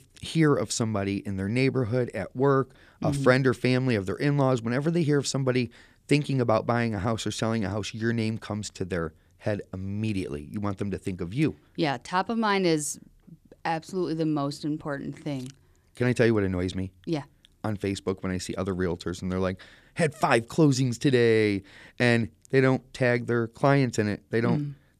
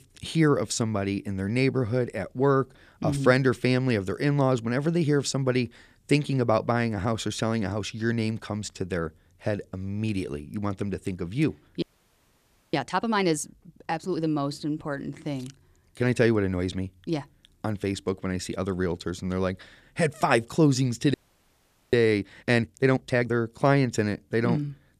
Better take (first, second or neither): first